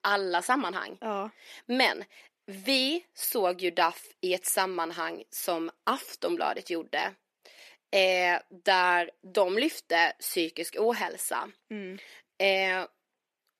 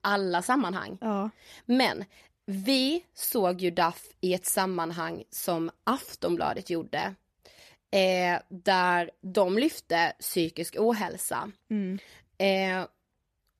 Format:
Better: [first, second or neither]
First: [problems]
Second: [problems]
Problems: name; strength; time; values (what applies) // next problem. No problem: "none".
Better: second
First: thin; very slightly; fading below 300 Hz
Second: none